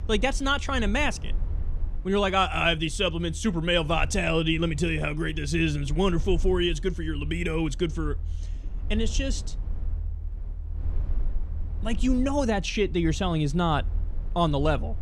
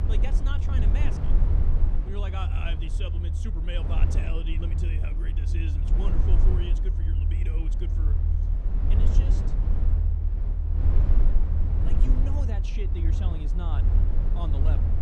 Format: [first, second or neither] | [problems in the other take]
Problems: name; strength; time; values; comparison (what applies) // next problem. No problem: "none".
first | low rumble; loud; throughout; 1 dB below the speech; faint in the first